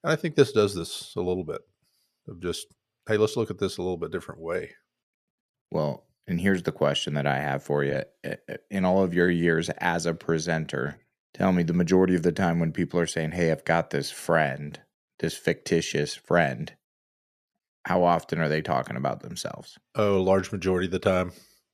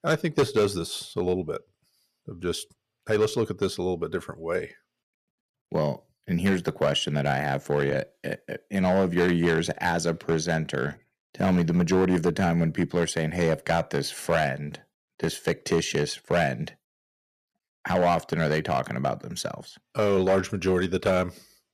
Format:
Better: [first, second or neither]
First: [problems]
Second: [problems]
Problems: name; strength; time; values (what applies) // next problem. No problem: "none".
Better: first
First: none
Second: distortion; slight; 3% of the sound clipped